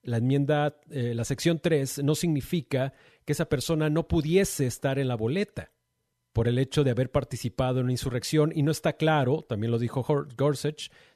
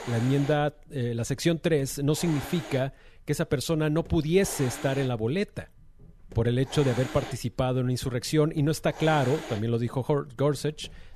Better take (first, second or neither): first